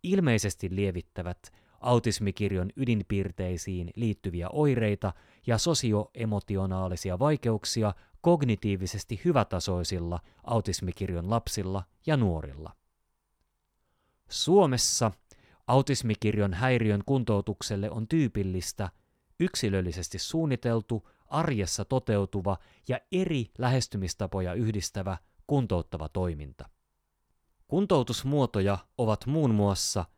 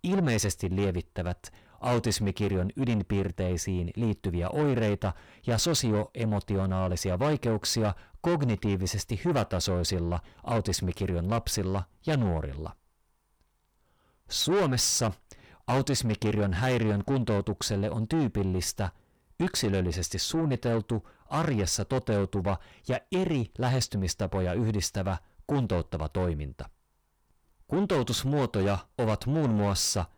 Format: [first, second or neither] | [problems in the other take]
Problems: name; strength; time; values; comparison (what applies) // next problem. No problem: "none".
first | distortion; heavy; 8 dB below the speech